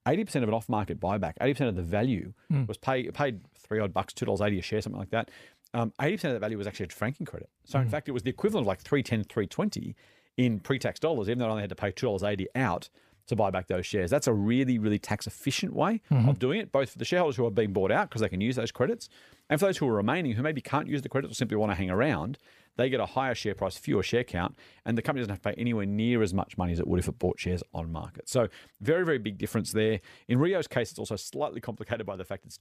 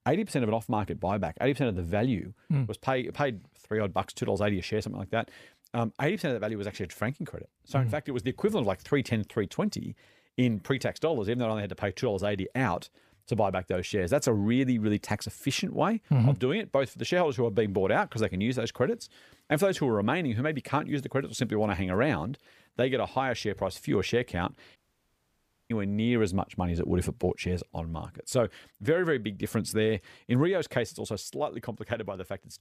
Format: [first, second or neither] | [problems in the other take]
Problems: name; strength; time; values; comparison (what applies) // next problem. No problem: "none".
first | audio cutting out; at 25 s for 1 s